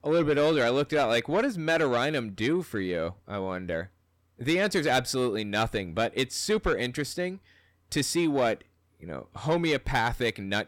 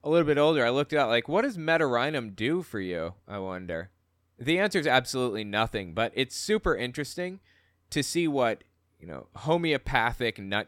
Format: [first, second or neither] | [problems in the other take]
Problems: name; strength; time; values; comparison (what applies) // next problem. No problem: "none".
second | distortion; slight; 10 dB below the speech